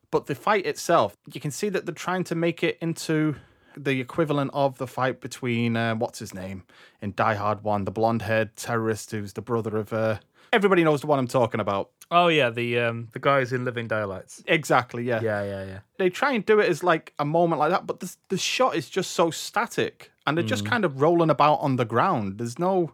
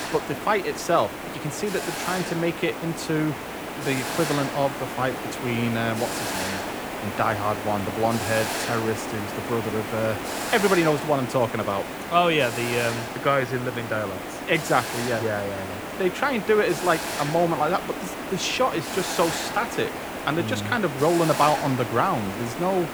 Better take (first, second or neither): first